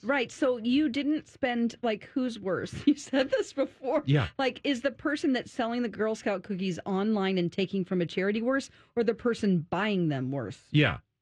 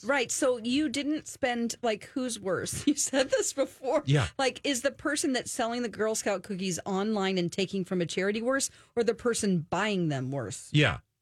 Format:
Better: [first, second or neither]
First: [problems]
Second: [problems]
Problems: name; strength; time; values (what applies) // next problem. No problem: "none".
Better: second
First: muffled; slightly; fading above 3 kHz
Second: none